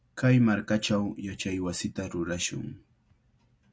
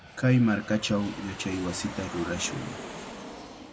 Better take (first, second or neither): first